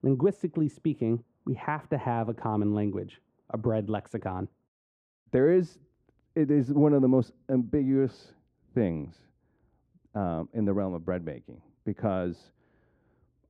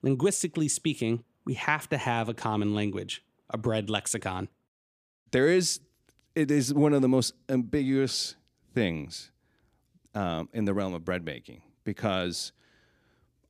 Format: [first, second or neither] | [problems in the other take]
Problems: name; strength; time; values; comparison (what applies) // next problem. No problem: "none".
second | muffled; very; fading above 2.5 kHz